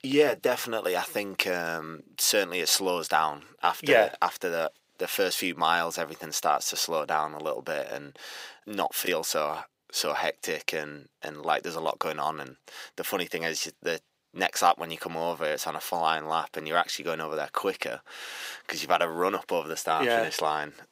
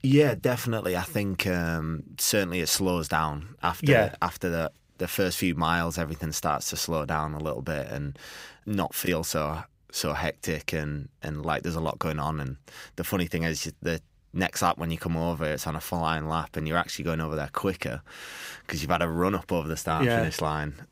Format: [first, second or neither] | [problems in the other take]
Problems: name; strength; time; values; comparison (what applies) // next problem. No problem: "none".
second | thin; somewhat; fading below 450 Hz